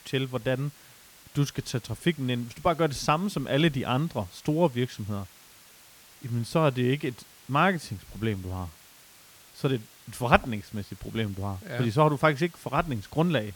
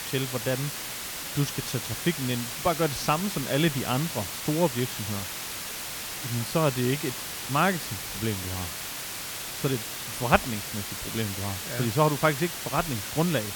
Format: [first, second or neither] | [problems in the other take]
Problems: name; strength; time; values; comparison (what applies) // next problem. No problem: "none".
first | hiss; loud; throughout; 4 dB below the speech; faint in the first